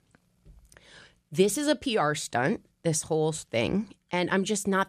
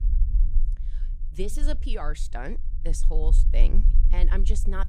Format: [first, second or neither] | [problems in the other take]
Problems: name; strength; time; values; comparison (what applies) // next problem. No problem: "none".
first | low rumble; noticeable; throughout; 15 dB below the speech